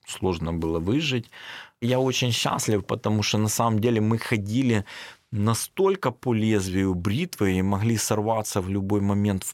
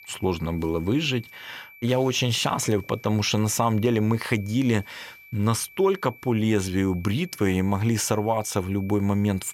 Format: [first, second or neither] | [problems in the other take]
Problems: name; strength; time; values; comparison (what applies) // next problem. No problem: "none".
first | high-pitched whine; faint; throughout; 2.5 kHz, 20 dB below the speech